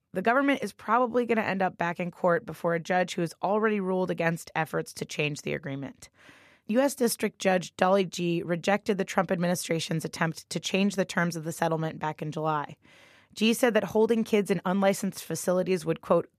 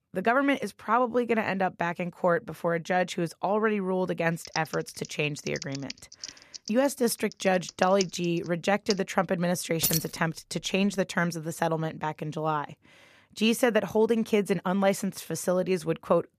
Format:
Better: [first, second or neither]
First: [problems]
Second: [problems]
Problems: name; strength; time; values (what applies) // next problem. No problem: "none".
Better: first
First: none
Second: keyboard typing; noticeable; from 4.5 to 9 s; peak 8 dB below the speech // jangling keys; loud; at 10 s; peak 1 dB above the speech